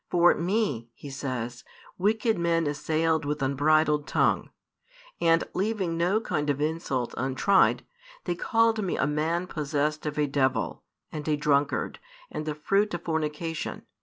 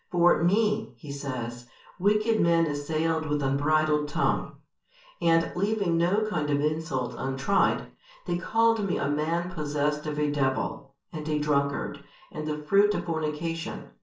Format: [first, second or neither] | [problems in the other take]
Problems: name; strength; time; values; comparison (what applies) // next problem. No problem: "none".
first | room echo; dies away in 0.4 s